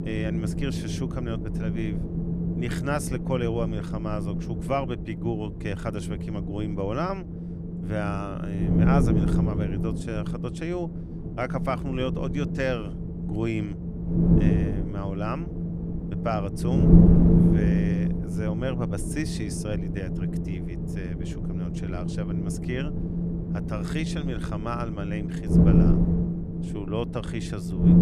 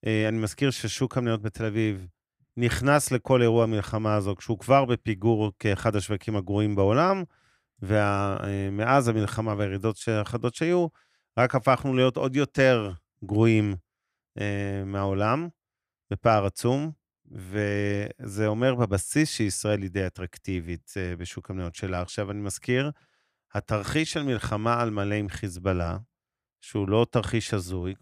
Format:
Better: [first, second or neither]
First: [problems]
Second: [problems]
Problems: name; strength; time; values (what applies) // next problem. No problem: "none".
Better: second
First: wind noise on the microphone; heavy; 1 dB below the speech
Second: none